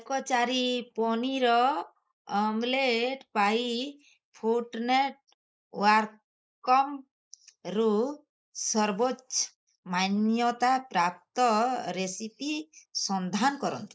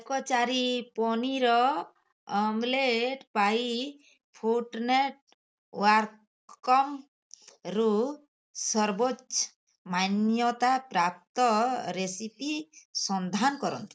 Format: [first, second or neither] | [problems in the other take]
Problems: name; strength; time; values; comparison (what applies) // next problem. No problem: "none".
second | noise reduction (neural mask model Resemble Enhance denoiser)